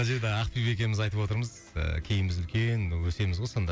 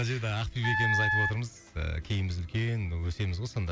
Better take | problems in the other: first | background sound (Wind instrument, woodwind instrument); 1 dB above the speech

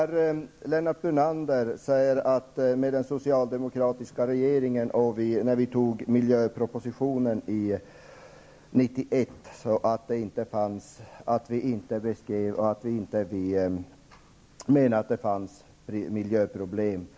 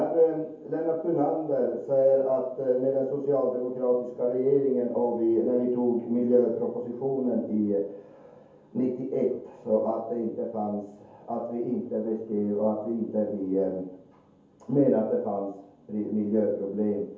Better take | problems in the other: first | room echo; dies away in 0.7 s

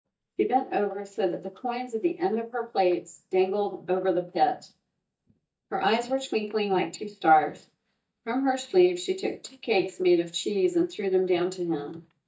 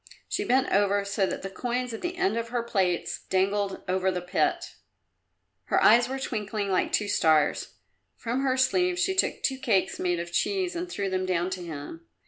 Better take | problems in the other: second | noise reduction (neural mask model DeepFilterNet 3)

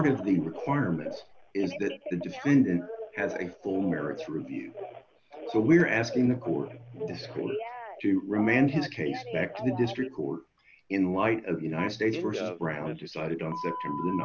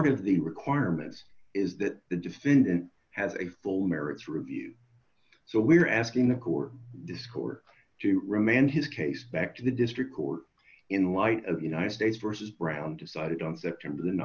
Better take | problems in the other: second | background sound (Telephone); 11 dB below the speech

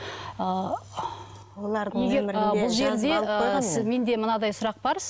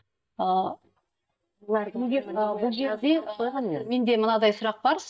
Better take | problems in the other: first | noise reduction (neural mask model DeepFilterNet 3)

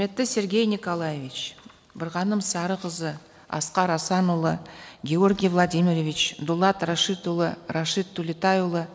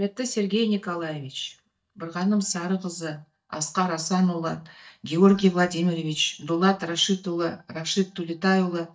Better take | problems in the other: first | noise reduction (neural mask model DeepFilterNet 3)

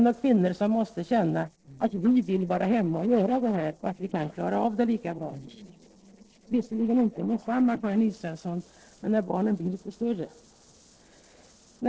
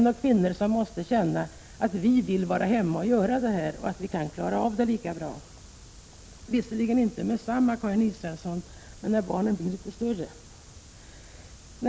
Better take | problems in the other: second | noise reduction (neural separator model SepFormer DNS4)

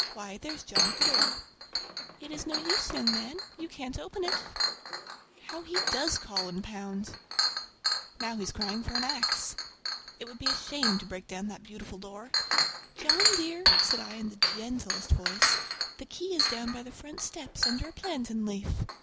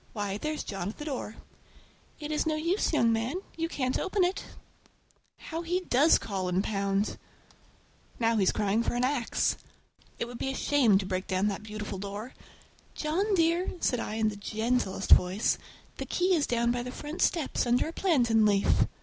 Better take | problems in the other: second | background sound (Chink, clink); 4 dB above the speech

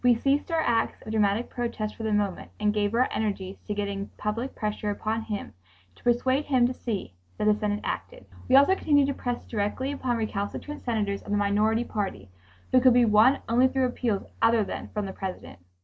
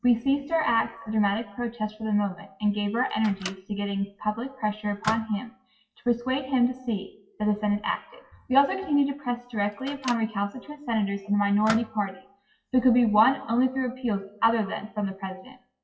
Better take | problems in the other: first | noise reduction (classical method WPE with log-MMSE)

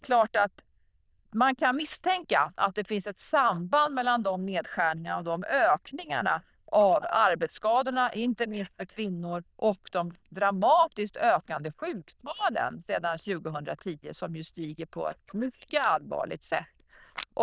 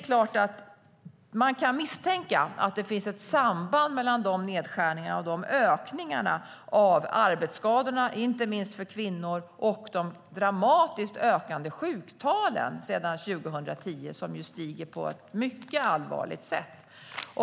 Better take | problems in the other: second | noise reduction (neural diffusion model UNIVERSE++)

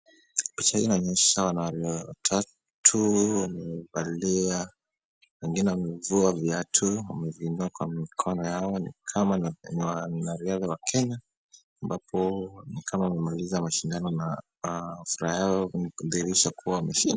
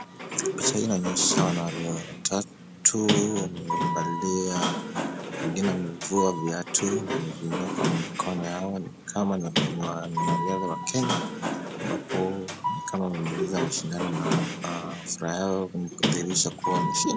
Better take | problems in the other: first | background sound (Sliding door); 1 dB below the speech

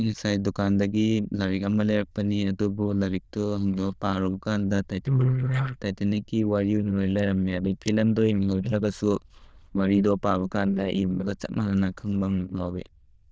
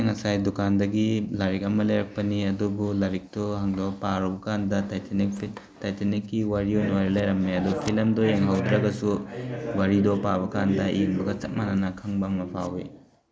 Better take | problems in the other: second | noise reduction (neural diffusion model UNIVERSE++)

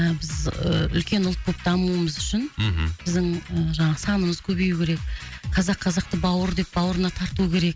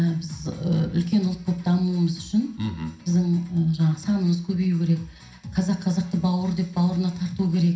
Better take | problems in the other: first | room echo; dies away in 0.5 s

